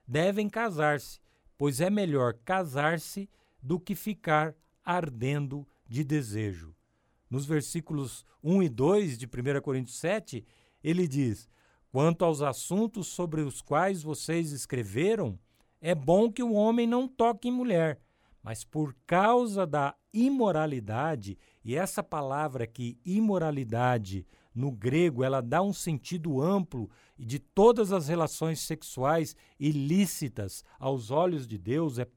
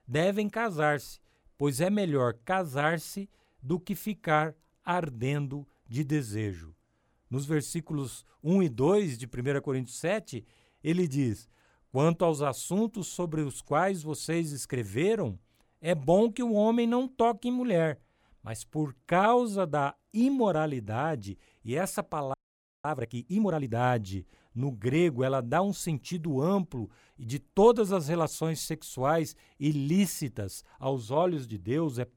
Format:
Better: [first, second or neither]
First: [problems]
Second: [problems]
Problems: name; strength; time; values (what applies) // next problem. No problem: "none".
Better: first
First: none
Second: audio freezing; at 22 s for 0.5 s